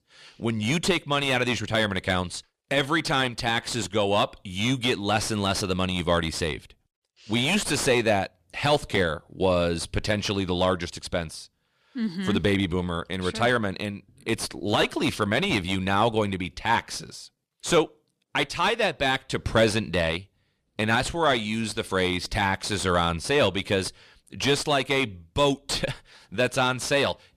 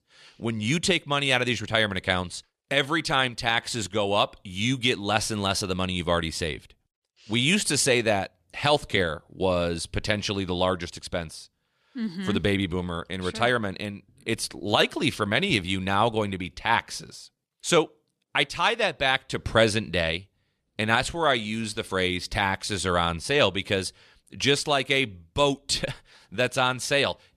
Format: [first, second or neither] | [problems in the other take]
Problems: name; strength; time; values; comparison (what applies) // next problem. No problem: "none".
second | distortion; slight; 10 dB below the speech